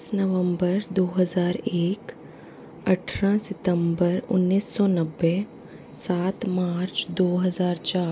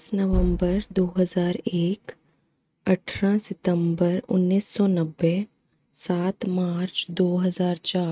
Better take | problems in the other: first | noise reduction (neural mask model RNNoise)

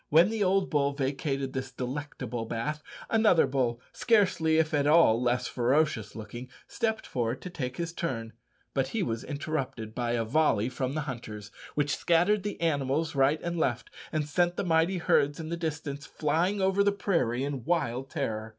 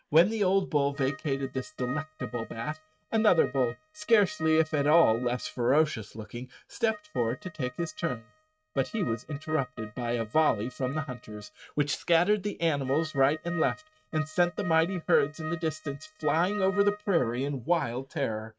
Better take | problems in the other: first | noise reduction (neural mask model RNNoise)

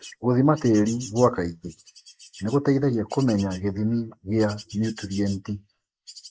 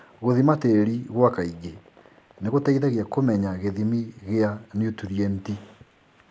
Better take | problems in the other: second | noise reduction (neural mask model Resemble Enhance denoiser)

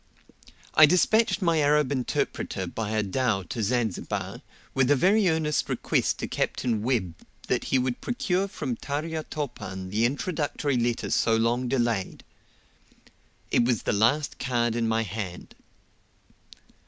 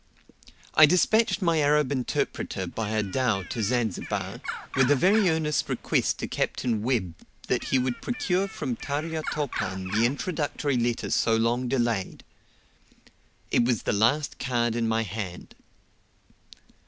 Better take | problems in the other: first | background sound (Bird); 11 dB below the speech

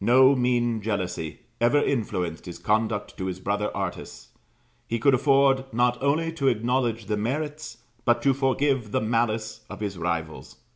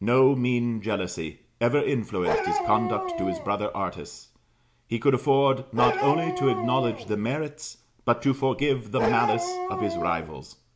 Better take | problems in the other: first | background sound (Bark); 4 dB below the speech

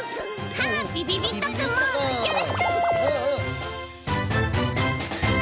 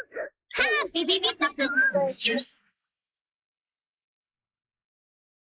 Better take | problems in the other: first | noise reduction (neural mask model Resemble Enhance denoiser)

